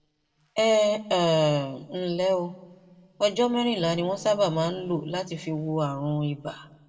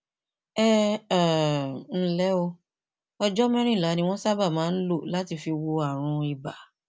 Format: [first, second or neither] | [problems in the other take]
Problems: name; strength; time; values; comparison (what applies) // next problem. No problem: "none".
second | noise reduction (neural separator model SepFormer DNS4)